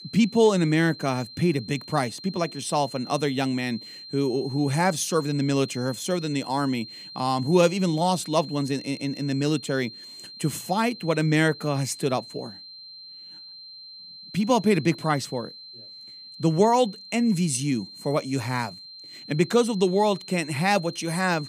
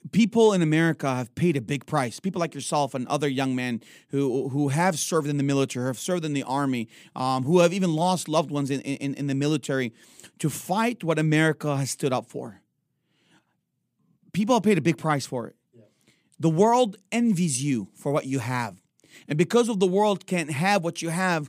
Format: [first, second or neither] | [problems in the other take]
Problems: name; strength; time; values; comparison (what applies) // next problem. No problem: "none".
second | high-pitched whine; noticeable; throughout; 4 kHz, 15 dB below the speech